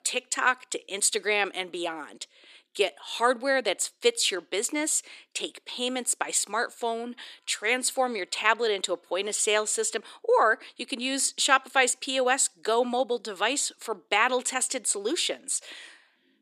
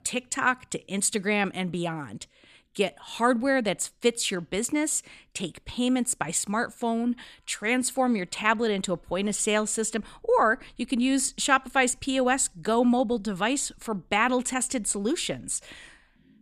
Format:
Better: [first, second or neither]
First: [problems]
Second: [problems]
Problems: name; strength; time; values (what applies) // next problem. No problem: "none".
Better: second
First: thin; somewhat; fading below 350 Hz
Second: none